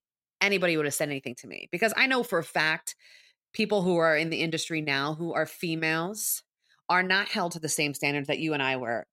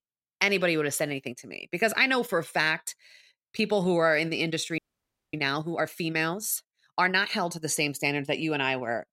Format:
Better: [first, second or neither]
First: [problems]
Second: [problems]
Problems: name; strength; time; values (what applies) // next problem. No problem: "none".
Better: first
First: none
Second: audio freezing; at 5 s for 0.5 s